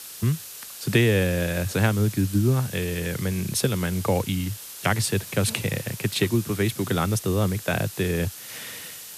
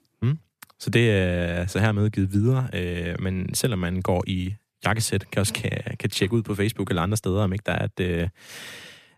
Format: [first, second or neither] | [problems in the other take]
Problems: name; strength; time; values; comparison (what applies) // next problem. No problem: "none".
second | hiss; noticeable; throughout; 10 dB below the speech